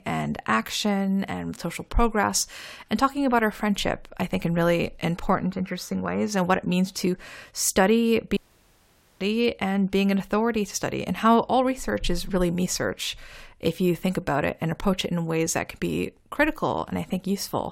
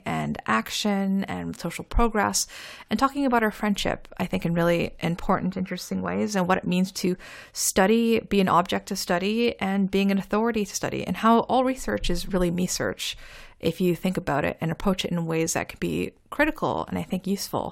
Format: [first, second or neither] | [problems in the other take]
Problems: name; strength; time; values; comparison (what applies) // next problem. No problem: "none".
second | audio cutting out; at 8.5 s for 1 s